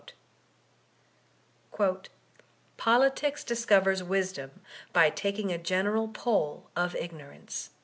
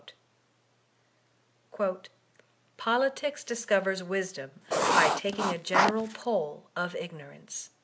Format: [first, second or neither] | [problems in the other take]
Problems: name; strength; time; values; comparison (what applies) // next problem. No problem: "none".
first | background sound (Writing); 5 dB above the speech